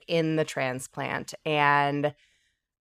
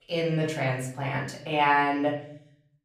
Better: first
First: none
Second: off-mic speech; far // room echo; slight; dies away in 0.6 s

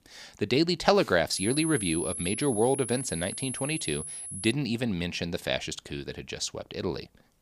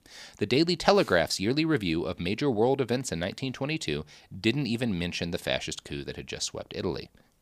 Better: second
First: high-pitched whine; loud; from 1.5 to 4.5 s; 10.5 kHz, 6 dB below the speech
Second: none

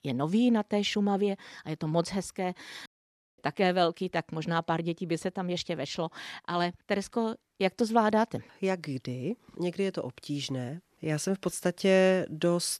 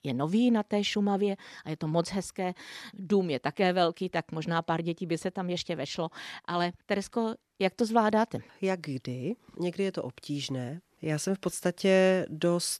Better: second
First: audio cutting out; at 3 s for 0.5 s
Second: none

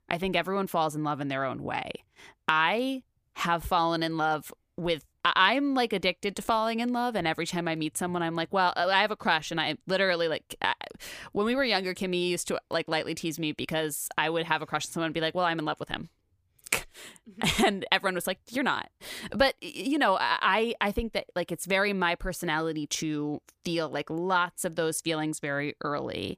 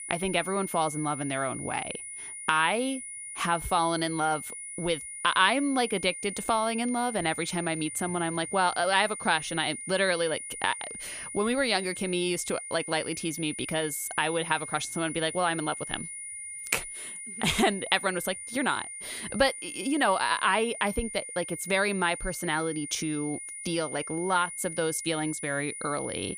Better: first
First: none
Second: high-pitched whine; loud; throughout; 9.5 kHz, 8 dB below the speech

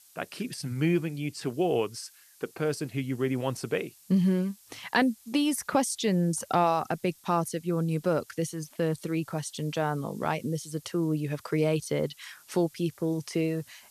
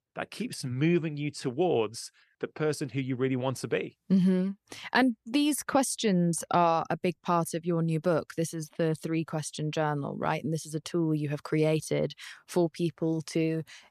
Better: second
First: hiss; faint; throughout; 25 dB below the speech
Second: none

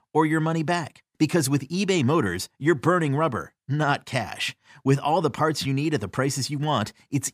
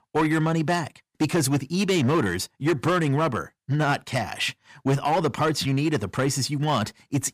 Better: first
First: none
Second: distortion; slight; 8% of the sound clipped

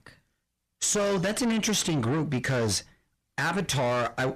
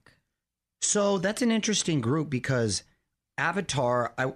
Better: second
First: distortion; heavy; 7 dB below the speech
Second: none

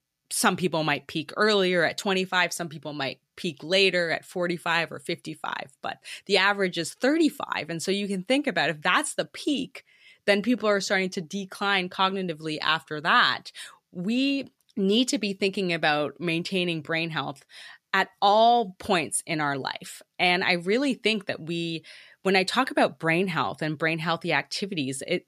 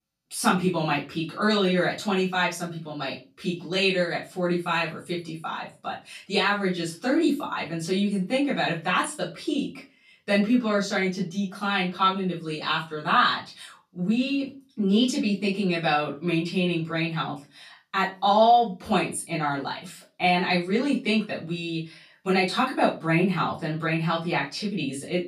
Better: first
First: none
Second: off-mic speech; far // room echo; slight; dies away in 0.2 s

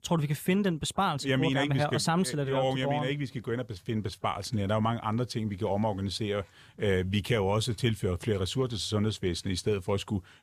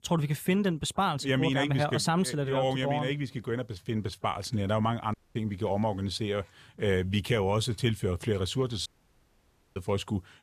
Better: first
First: none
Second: audio cutting out; at 5 s and at 9 s for 1 s

